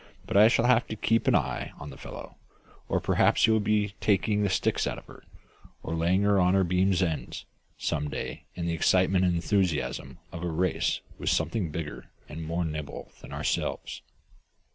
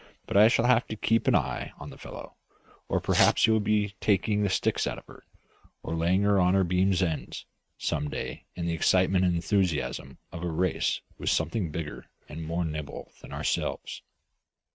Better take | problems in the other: first | noise reduction (neural mask model RNNoise)

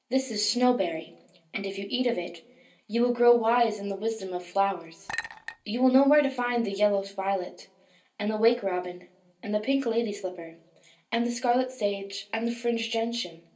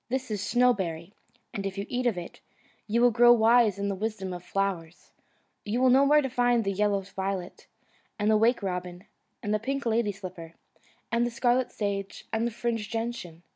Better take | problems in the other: second | background sound (Chink, clink); 13 dB below the speech // room echo; dies away in 0.3 s

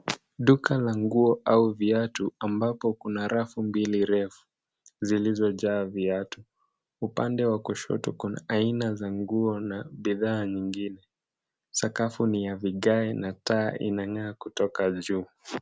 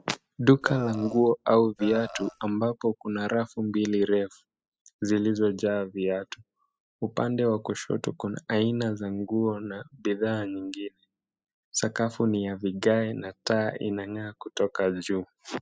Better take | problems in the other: first | noise reduction (classical method spectral subtraction)

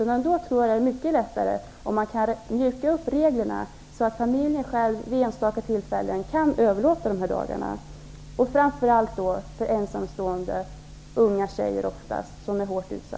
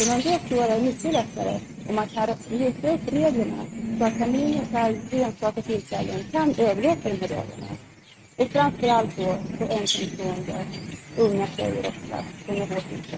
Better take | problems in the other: first | noise reduction (neural mask model RNNoise)

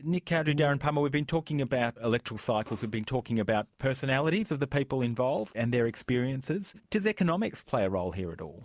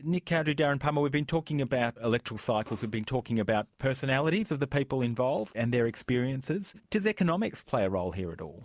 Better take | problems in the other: second | background sound (Brass instrument); 9 dB below the speech

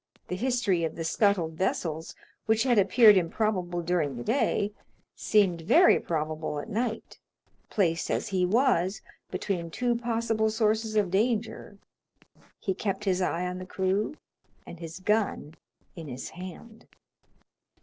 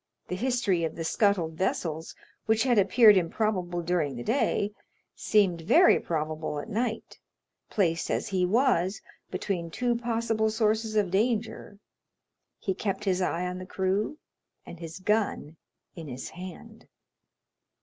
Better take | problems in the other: second | noise reduction (neural separator model SepFormer DNS4)

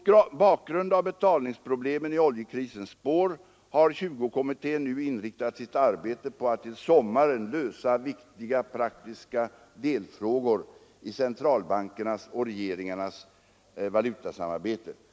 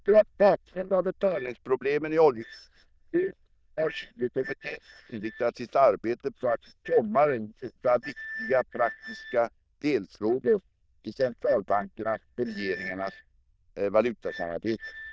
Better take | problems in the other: first | noise reduction (neural diffusion model UNIVERSE++)

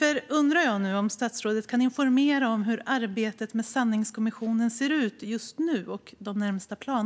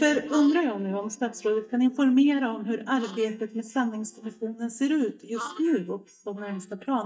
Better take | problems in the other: first | noise reduction (neural mask model DeepFilterNet 3)

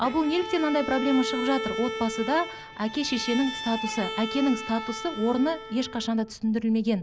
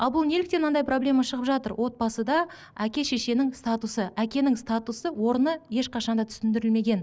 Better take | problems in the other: second | background sound (Bowed string instrument); 8 dB below the speech

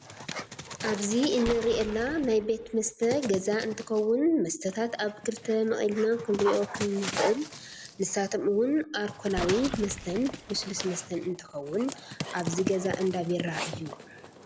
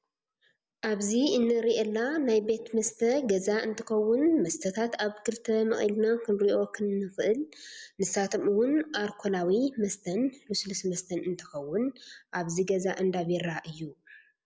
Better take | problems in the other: second | background sound (Explosion + Dog); 10 dB below the speech

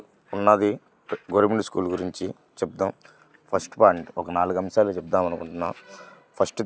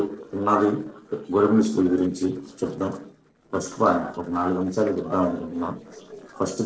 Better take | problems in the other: first | noise reduction (neural separator model SepFormer DNS4)

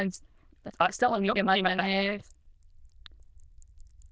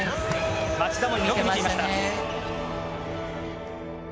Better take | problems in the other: second | noise reduction (neural diffusion model UNIVERSE++)

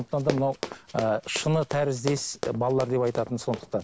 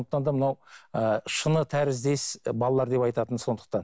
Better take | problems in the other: second | background sound (Run); 10 dB below the speech

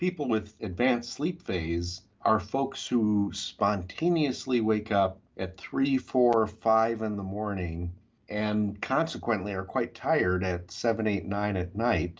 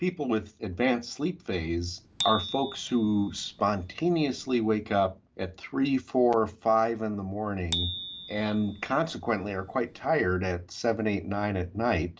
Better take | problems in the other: first | background sound (Bicycle bell); 12 dB below the speech

